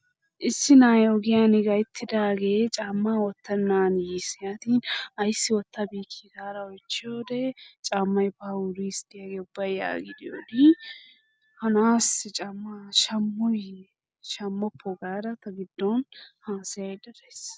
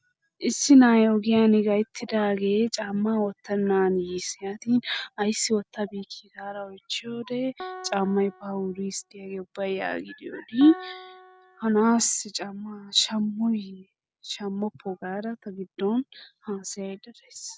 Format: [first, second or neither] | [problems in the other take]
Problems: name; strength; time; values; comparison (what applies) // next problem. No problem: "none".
first | background sound (Piano); 19 dB below the speech